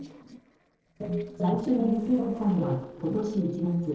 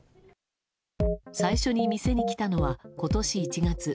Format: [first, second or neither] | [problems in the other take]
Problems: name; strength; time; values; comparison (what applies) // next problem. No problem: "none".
second | noise reduction (neural separator model SepFormer DNS4)